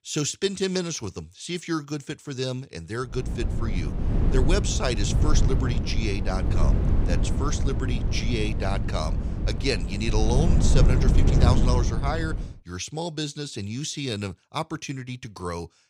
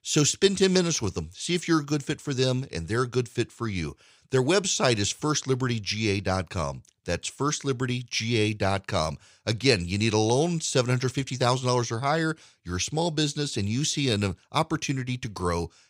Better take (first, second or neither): second